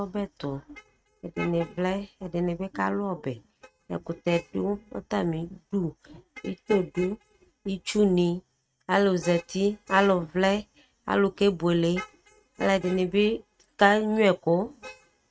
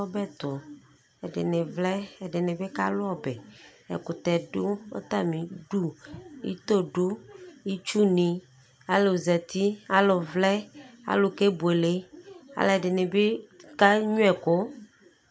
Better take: second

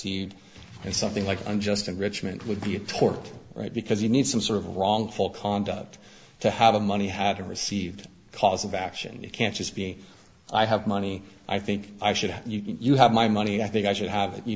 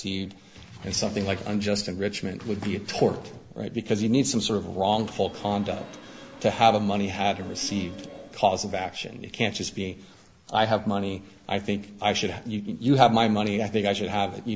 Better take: first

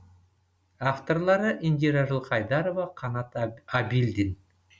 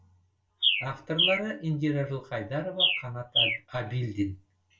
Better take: first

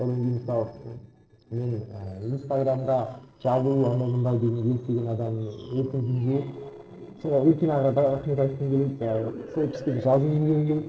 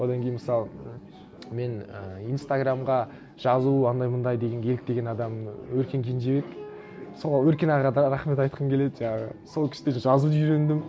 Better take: second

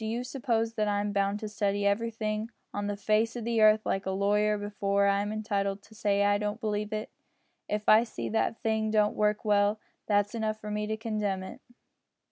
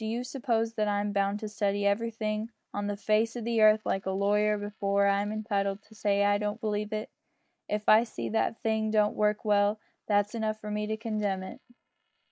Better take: first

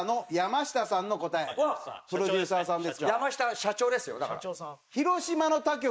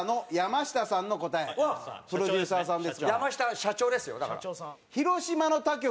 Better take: second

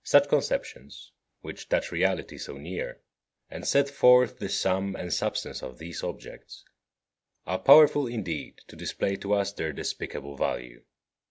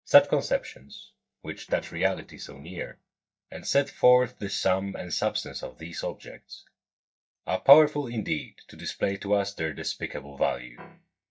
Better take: first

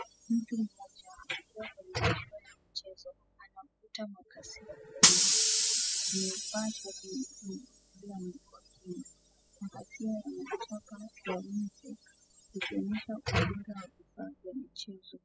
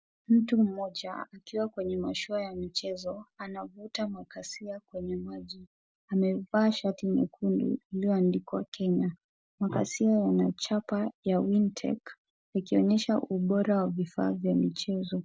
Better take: second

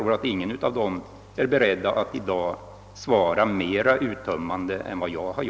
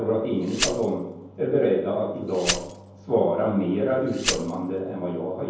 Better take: first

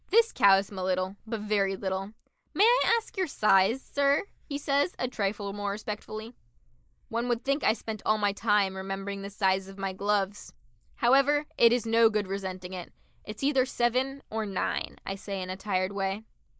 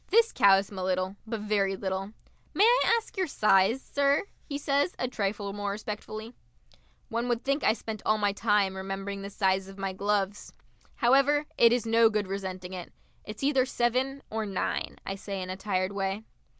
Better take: second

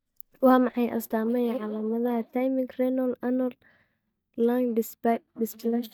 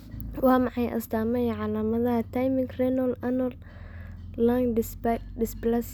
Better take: second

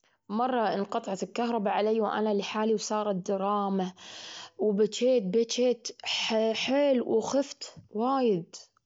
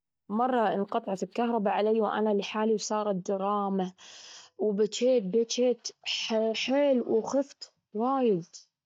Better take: first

